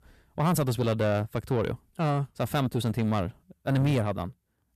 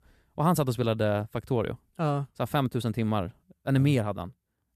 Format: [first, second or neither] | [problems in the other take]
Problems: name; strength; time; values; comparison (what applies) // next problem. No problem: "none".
second | distortion; slight; 10 dB below the speech